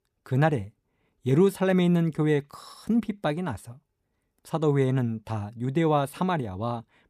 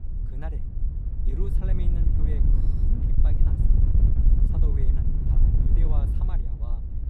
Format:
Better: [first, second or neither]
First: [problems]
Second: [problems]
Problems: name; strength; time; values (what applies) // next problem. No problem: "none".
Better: first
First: none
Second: wind noise on the microphone; heavy; 4 dB above the speech